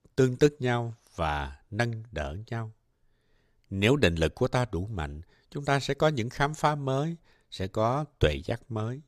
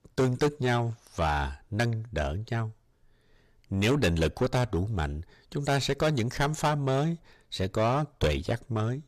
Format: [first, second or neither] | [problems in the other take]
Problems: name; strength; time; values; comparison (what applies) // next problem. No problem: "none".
first | distortion; heavy; 7 dB below the speech